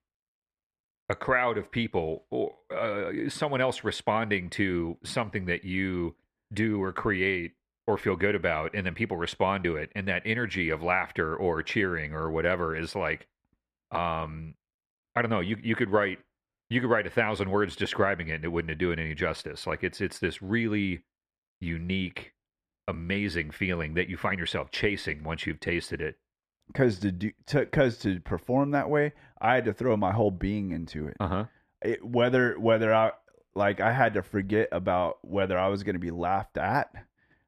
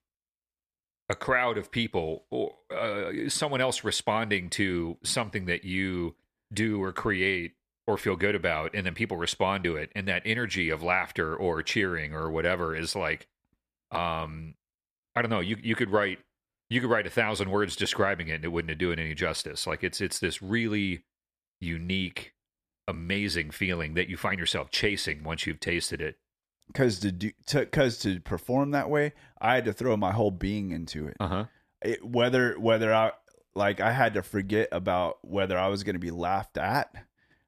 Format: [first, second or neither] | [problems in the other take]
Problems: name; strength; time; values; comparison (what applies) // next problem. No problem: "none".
second | muffled; slightly; fading above 3.5 kHz